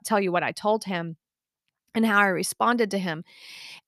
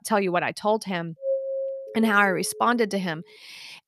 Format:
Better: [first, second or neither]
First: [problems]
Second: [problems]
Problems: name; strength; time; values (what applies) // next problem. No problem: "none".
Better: first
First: none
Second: doorbell; noticeable; from 1 to 2.5 s; peak 4 dB below the speech